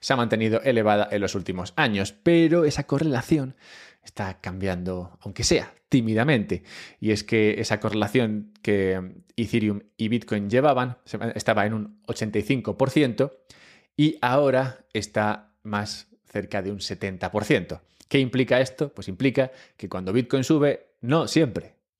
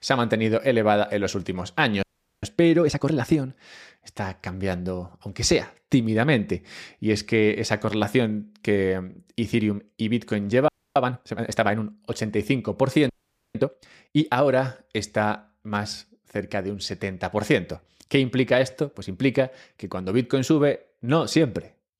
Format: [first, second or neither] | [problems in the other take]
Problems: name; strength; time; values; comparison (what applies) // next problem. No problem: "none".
first | audio freezing; at 2 s, at 11 s and at 13 s